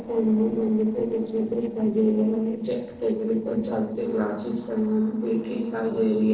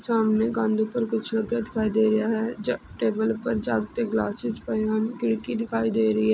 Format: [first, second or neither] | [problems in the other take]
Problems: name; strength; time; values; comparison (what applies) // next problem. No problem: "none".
second | noise reduction (neural separator model SepFormer DNS4)